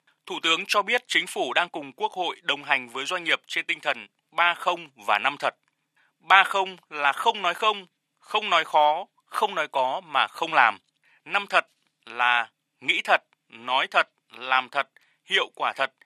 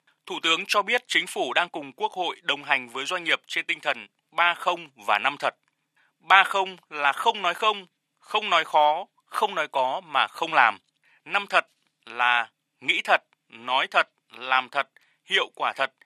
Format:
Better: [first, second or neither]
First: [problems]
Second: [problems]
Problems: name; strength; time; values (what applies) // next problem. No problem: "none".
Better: neither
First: thin; very; fading below 650 Hz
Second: thin; very; fading below 650 Hz